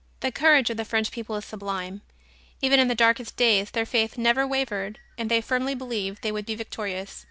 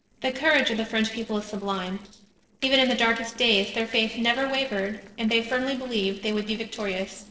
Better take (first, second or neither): first